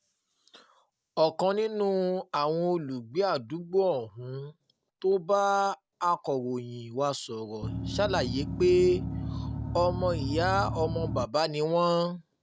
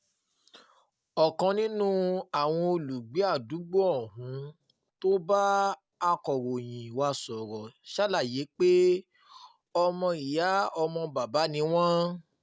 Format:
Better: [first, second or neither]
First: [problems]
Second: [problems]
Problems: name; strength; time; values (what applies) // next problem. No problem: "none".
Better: second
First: background sound (Engine); 4 dB below the speech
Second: none